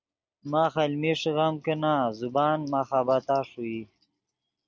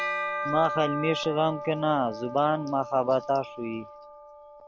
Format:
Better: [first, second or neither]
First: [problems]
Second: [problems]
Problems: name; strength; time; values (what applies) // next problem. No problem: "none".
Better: first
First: none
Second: background sound (Bell); 7 dB below the speech